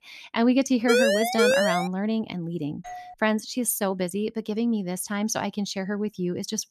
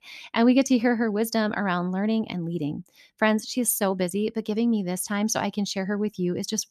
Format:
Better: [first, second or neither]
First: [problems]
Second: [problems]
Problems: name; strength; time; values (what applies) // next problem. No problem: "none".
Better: second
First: siren; loud; at 1 s; peak 5 dB above the speech // doorbell; faint; at 3 s; peak 15 dB below the speech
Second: none